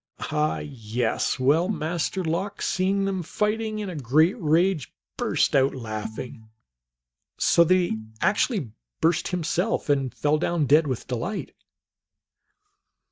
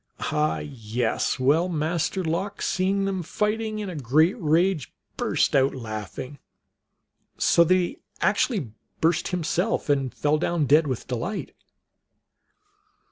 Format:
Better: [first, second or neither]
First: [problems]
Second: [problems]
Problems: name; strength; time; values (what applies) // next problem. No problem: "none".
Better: second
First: noise reduction (neural mask model DeepFilterNet 3)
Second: none